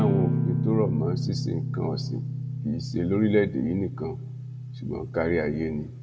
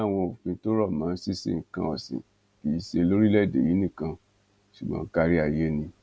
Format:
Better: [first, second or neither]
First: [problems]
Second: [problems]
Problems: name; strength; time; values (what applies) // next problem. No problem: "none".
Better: second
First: background sound (Guitar); 1 dB below the speech // room echo; dies away in 0.4 s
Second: none